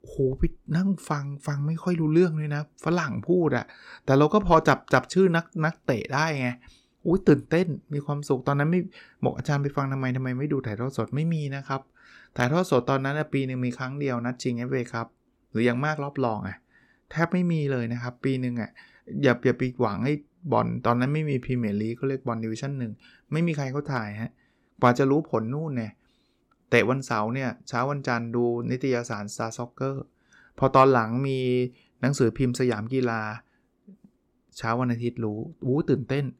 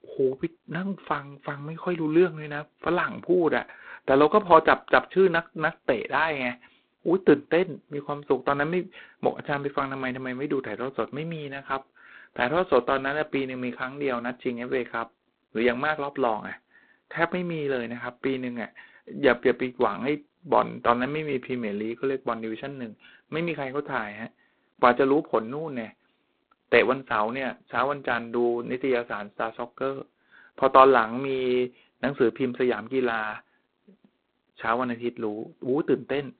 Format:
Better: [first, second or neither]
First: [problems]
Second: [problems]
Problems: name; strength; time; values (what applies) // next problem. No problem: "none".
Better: first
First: none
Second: phone-call audio; poor line; nothing above 4 kHz